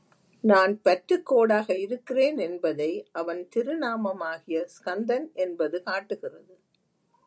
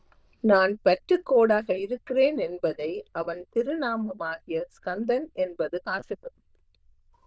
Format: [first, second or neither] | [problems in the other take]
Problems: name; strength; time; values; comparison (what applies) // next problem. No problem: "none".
first | noise reduction (neural diffusion model UNIVERSE++)